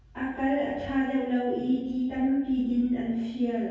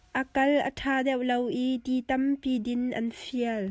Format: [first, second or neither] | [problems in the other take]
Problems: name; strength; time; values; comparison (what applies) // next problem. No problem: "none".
second | room echo; dies away in 1.3 s